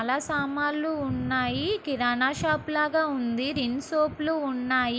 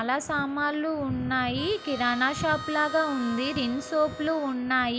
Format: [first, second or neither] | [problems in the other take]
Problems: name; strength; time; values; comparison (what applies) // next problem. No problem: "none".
first | background sound (Harmonica); 12 dB below the speech